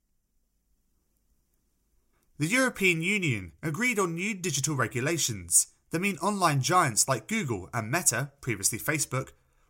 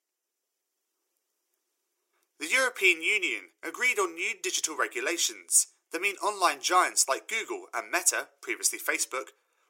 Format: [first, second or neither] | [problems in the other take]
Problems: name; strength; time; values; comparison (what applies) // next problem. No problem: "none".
first | thin; very; fading below 350 Hz